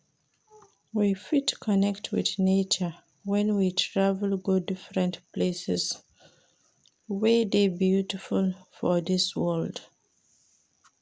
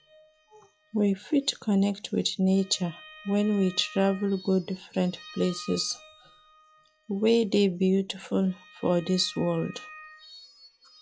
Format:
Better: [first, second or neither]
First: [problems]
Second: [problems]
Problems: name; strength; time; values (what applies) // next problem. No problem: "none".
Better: first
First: none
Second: noise reduction (classical method log-MMSE)